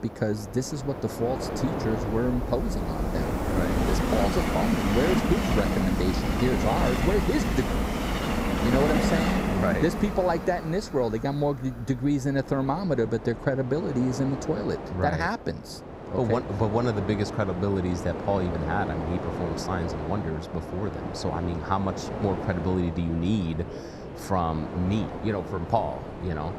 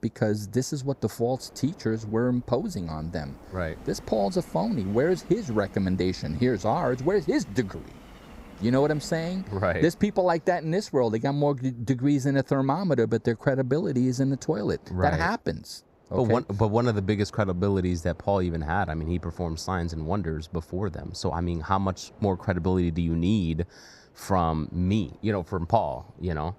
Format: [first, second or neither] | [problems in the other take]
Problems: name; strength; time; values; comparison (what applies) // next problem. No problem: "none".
second | train or aircraft noise; loud; throughout; 2 dB below the speech; faint in the second